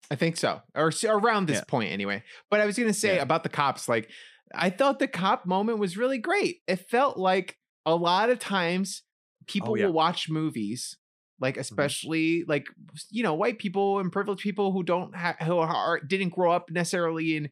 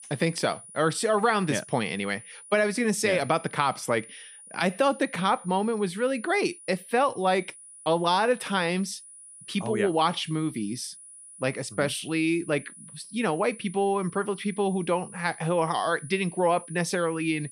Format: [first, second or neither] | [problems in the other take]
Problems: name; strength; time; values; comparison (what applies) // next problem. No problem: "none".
first | high-pitched whine; noticeable; throughout; 10 kHz, 20 dB below the speech